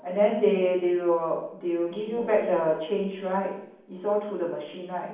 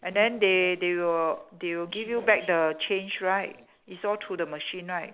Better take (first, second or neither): second